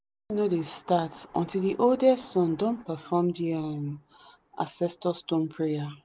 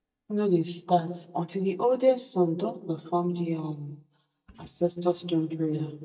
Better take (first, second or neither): first